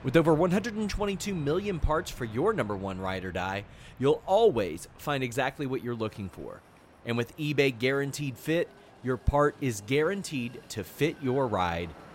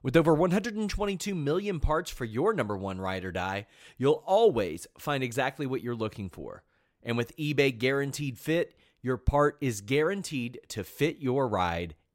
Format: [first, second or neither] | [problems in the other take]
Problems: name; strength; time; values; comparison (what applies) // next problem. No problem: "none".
second | train or aircraft noise; faint; throughout; 20 dB below the speech